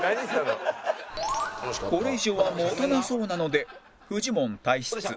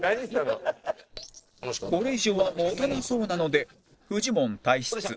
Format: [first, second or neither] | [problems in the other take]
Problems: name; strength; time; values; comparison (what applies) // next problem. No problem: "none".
first | noise reduction (neural separator model SepFormer DNS4)